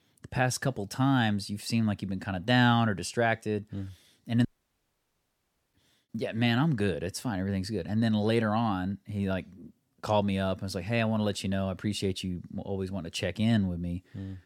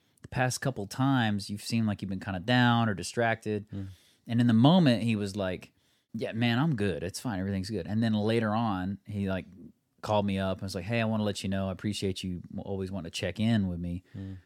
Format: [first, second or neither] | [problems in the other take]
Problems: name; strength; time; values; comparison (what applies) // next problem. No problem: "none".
second | audio cutting out; at 4.5 s for 1.5 s